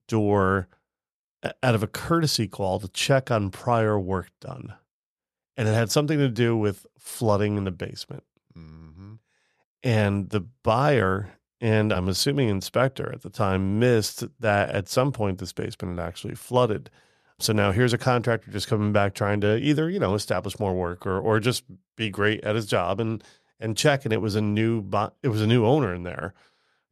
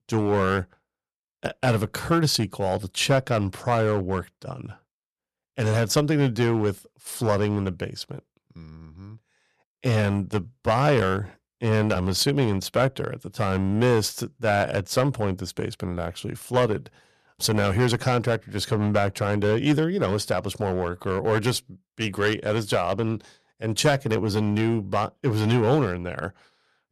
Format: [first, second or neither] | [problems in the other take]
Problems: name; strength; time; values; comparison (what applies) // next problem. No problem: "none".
first | distortion; slight; 4% of the sound clipped